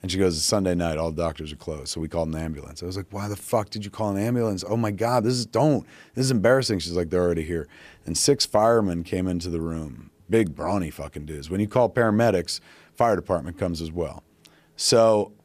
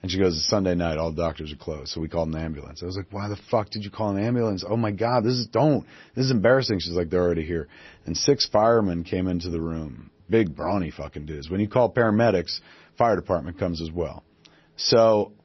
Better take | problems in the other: first | garbled, watery; slightly; nothing above 6 kHz

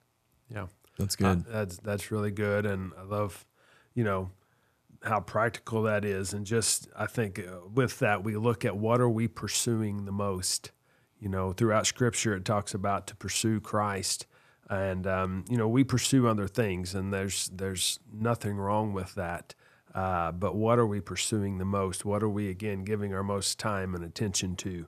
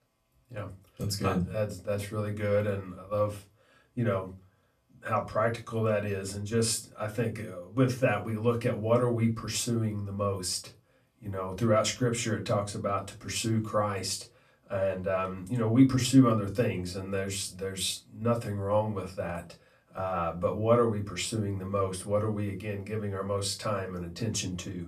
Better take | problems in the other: first | off-mic speech; far // room echo; very slight; dies away in 0.2 s

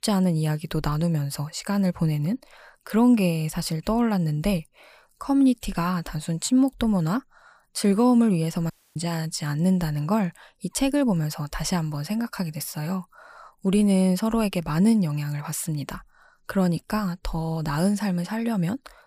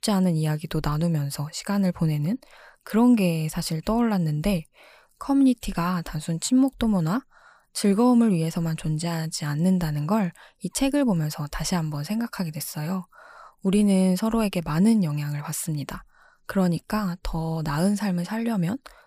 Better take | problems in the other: second | audio cutting out; at 8.5 s

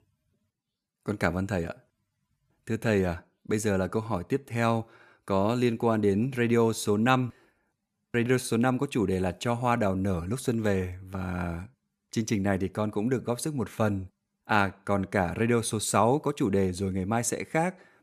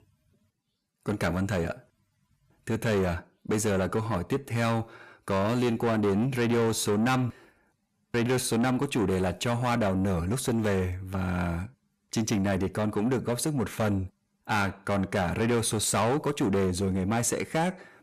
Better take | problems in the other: first | distortion; heavy; 7 dB below the speech

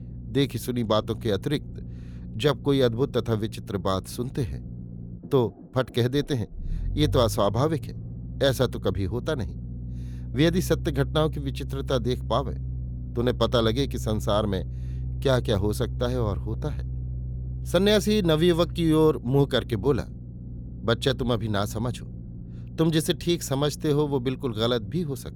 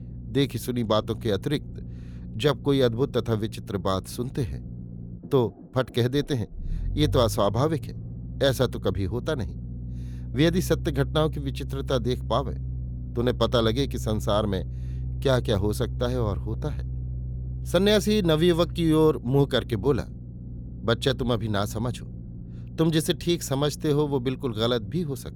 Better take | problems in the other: neither | low rumble; faint; throughout; 20 dB below the speech; the same in both

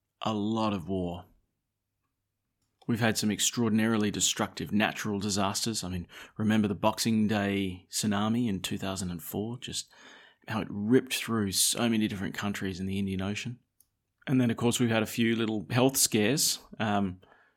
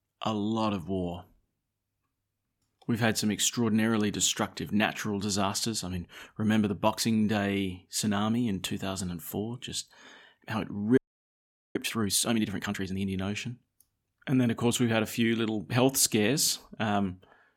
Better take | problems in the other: first | audio freezing; at 11 s for 1 s

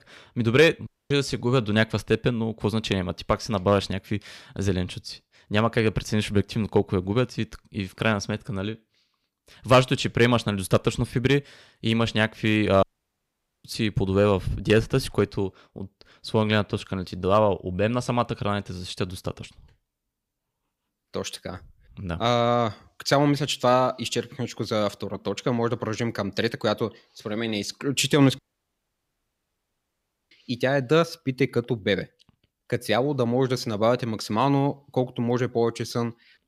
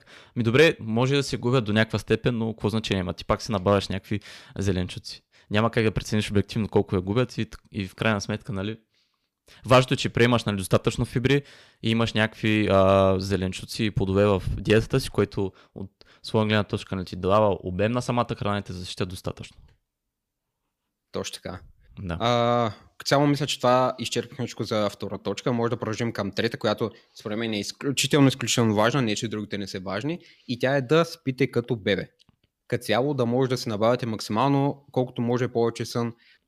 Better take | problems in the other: second | audio cutting out; at 1 s, at 13 s for 1 s and at 28 s for 2 s

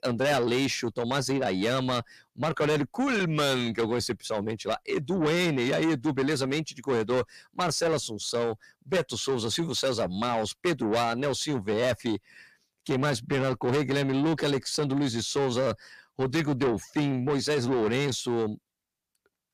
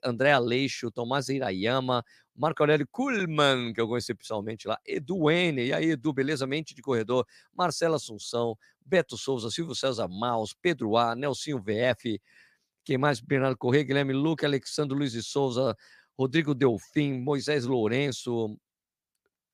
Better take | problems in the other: second | distortion; heavy; 7 dB below the speech

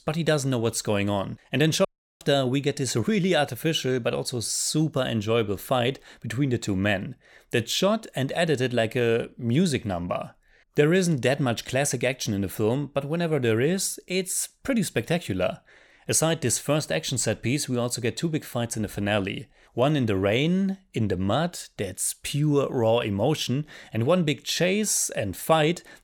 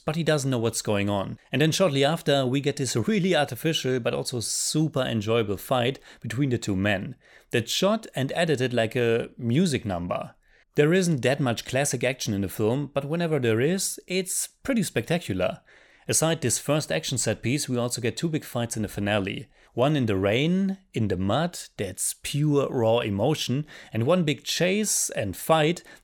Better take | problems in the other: second | audio cutting out; at 2 s

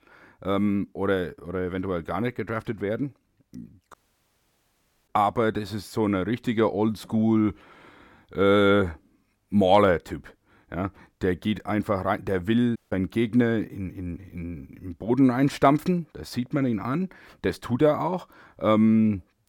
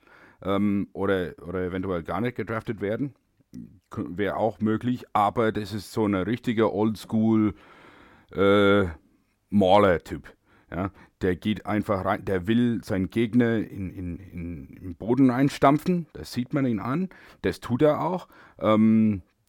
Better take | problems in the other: second | audio cutting out; at 4 s for 1 s and at 13 s

